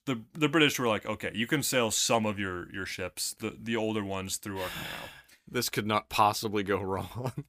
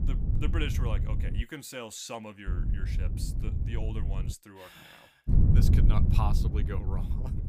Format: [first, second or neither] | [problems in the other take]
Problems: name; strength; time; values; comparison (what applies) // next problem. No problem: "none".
first | wind noise on the microphone; heavy; until 1.5 s, from 2.5 to 4.5 s and from 5.5 s on; 2 dB below the speech